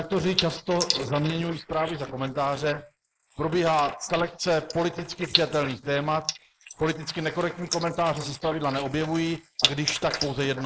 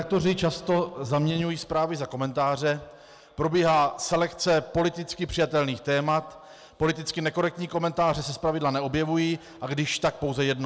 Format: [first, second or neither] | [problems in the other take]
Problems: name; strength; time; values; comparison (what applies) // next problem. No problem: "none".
second | noise reduction (neural mask model Resemble Enhance denoiser)